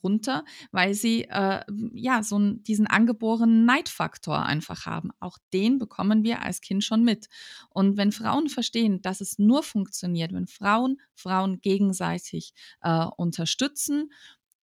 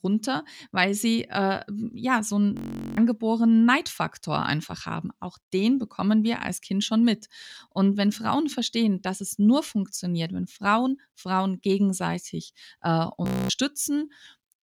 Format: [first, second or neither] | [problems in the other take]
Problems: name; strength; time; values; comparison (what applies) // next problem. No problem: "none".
first | audio freezing; at 2.5 s and at 13 s